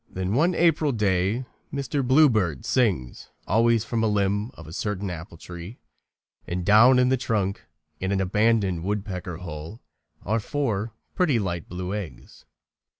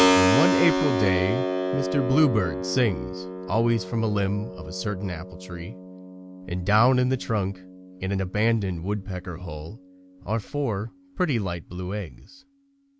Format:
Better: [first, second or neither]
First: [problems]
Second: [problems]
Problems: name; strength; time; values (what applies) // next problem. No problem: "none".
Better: first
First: none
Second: background sound (Keyboard (musical)); 3 dB below the speech